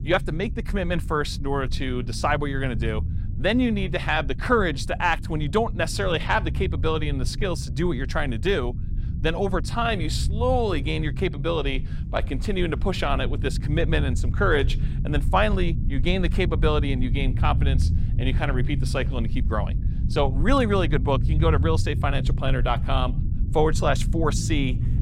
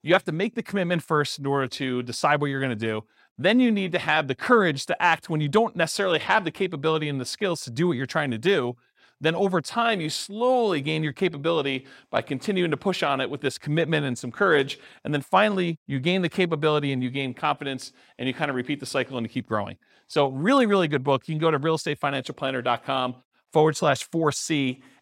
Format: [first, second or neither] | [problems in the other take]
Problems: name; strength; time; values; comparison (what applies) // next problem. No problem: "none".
second | low rumble; noticeable; throughout; 15 dB below the speech